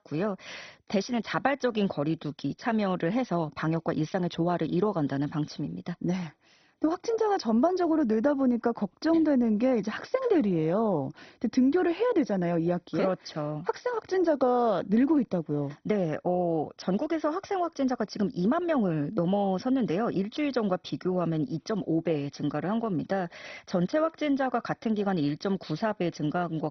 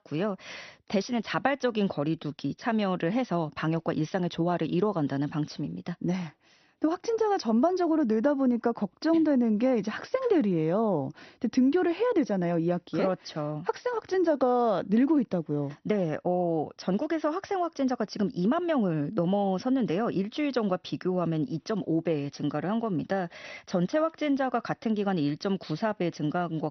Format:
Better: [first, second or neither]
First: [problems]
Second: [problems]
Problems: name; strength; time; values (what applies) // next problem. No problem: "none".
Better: second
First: garbled, watery; badly; nothing above 6 kHz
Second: garbled, watery; slightly; nothing above 6 kHz